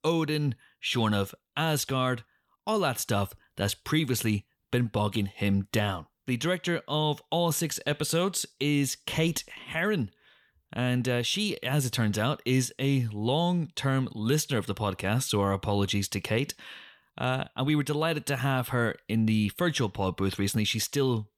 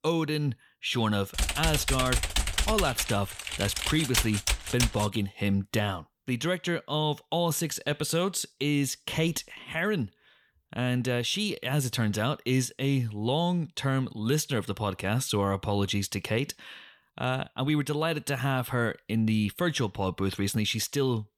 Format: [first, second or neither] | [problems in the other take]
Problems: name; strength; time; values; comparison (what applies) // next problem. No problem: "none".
first | keyboard typing; loud; from 1.5 to 5 s; peak 1 dB above the speech